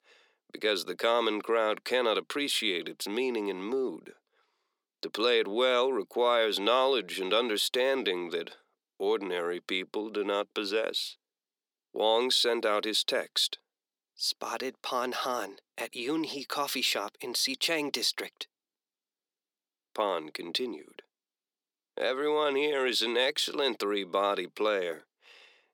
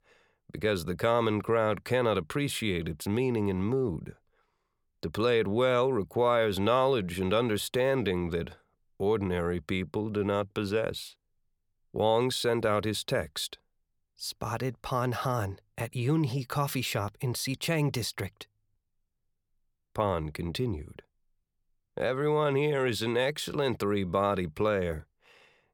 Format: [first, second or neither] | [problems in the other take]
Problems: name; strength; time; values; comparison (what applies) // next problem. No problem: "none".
second | thin; somewhat; fading below 250 Hz